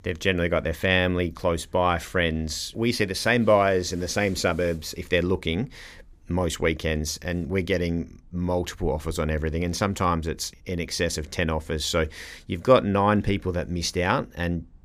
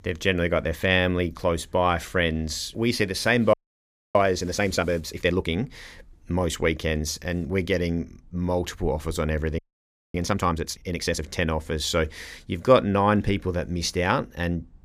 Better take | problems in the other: first | audio freezing; at 3.5 s for 0.5 s and at 9.5 s for 0.5 s

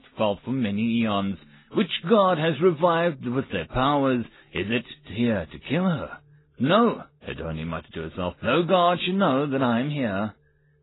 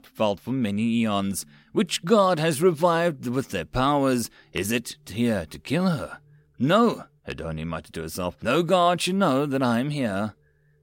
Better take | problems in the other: second | garbled, watery; badly; nothing above 4 kHz

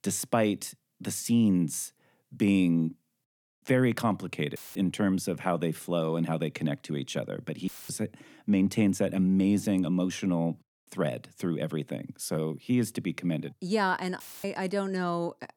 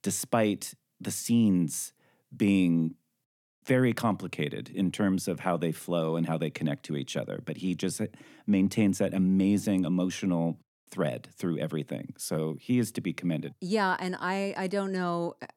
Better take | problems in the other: second | audio cutting out; filled with static; at 4.5 s, at 7.5 s and at 14 s

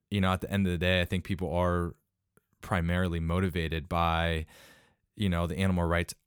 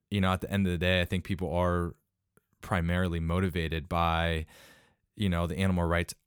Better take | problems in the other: neither | none

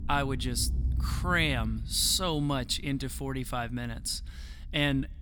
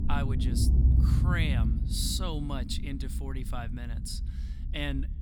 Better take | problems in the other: first | low rumble; loud; throughout; 6 dB below the speech; faint in the first

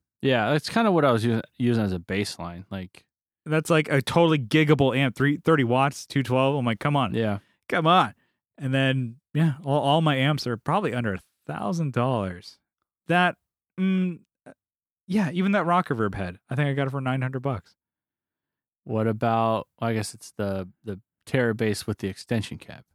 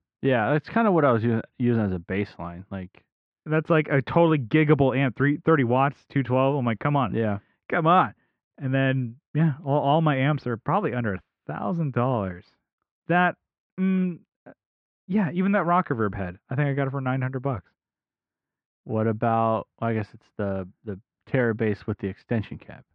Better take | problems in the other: first | muffled; very; fading above 2.5 kHz

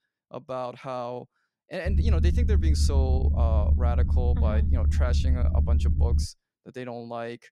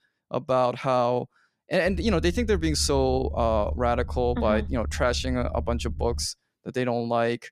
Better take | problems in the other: second | low rumble; loud; from 2 to 6.5 s; 6 dB below the speech; faint in the second

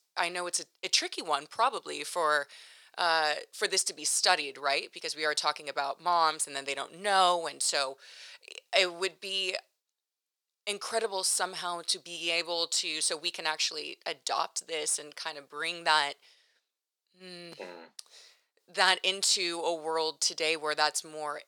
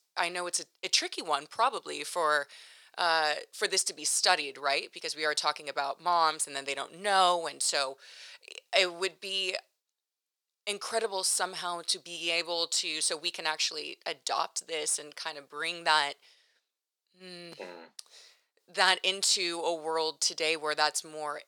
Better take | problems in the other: neither | thin; very; fading below 650 Hz; the same in both

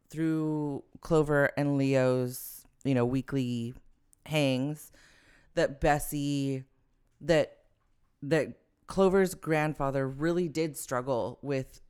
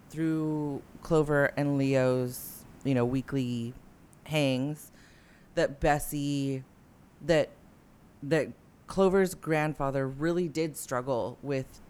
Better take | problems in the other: first | hiss; faint; throughout; 25 dB below the speech

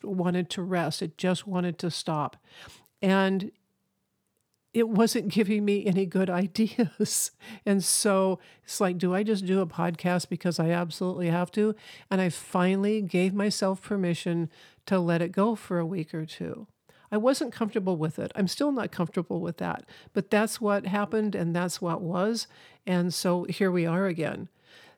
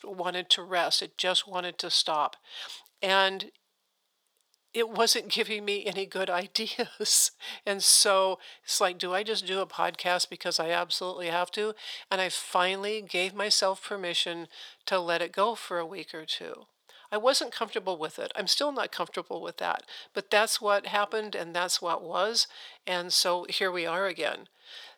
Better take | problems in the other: first | thin; very; fading below 700 Hz

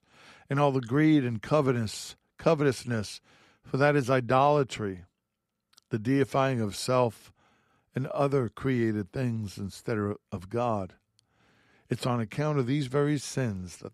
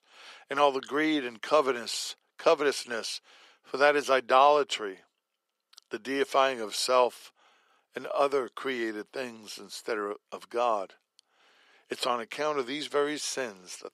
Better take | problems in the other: first | thin; very; fading below 400 Hz

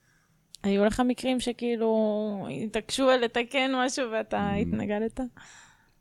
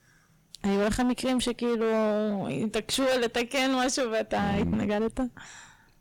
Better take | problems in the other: first | distortion; heavy; 18% of the sound clipped

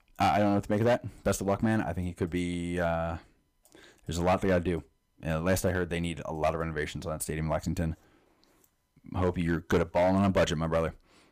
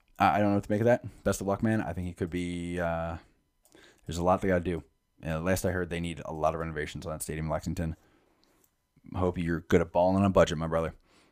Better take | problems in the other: second | distortion; slight; 4% of the sound clipped

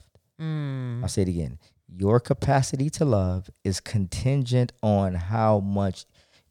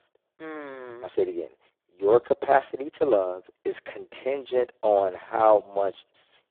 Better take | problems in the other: first | phone-call audio; poor line

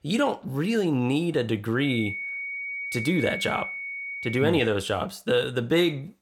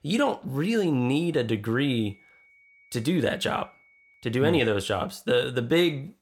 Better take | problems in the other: second | high-pitched whine; loud; from 2 to 4.5 s; 2 kHz, 6 dB below the speech; faint in the second

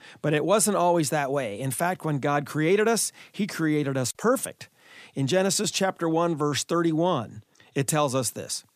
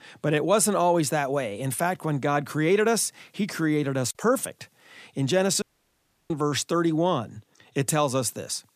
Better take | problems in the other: first | audio cutting out; at 5.5 s for 0.5 s

